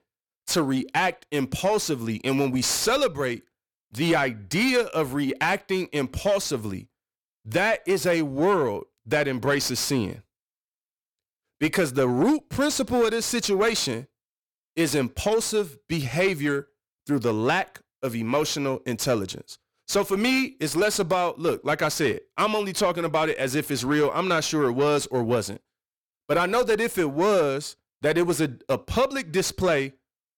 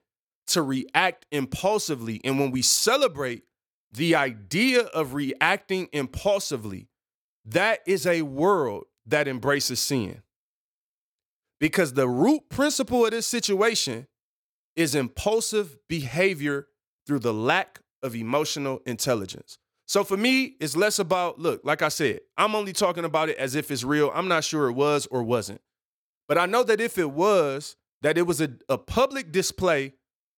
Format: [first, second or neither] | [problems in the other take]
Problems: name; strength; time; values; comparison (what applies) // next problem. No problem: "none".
second | distortion; slight; 10 dB below the speech